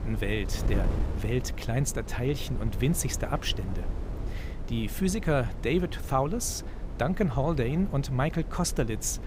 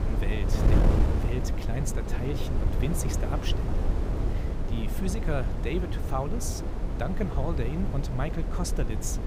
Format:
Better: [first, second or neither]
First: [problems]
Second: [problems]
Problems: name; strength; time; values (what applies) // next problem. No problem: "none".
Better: first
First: wind noise on the microphone; occasional gusts; 15 dB below the speech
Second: wind noise on the microphone; heavy; 1 dB below the speech